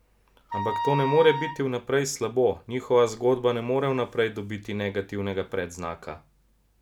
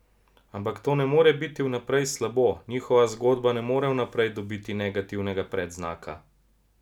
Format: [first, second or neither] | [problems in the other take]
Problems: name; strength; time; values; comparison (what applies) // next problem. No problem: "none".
second | background sound (Wind instrument, woodwind instrument); 4 dB below the speech